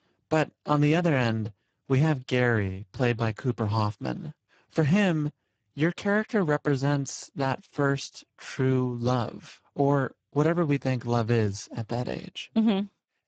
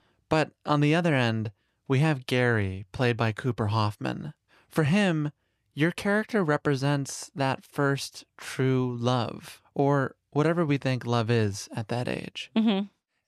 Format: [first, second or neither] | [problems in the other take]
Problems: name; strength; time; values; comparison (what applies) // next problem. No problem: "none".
second | garbled, watery; badly; nothing above 7.5 kHz